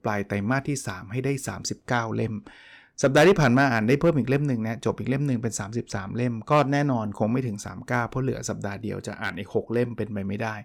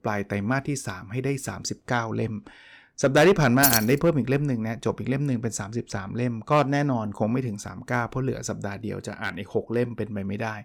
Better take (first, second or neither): first